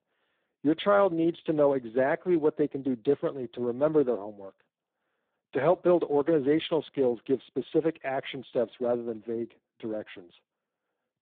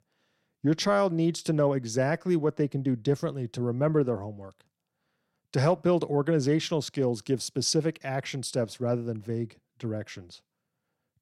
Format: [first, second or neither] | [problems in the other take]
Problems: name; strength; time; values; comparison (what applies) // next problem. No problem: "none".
second | phone-call audio; poor line; nothing above 3.5 kHz